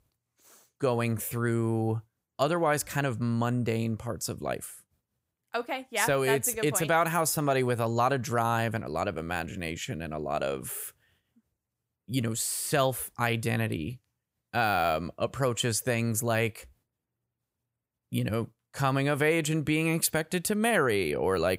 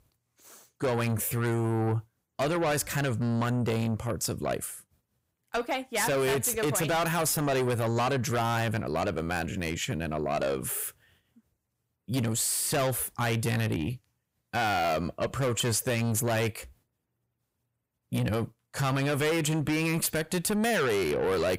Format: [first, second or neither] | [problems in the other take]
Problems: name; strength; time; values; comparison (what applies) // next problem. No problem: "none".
first | distortion; heavy; 7 dB below the speech